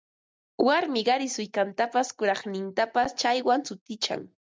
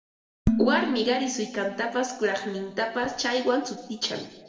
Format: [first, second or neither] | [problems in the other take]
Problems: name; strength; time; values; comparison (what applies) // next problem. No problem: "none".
first | background sound (Dishes, pots, and pans); 5 dB below the speech // room echo; dies away in 0.9 s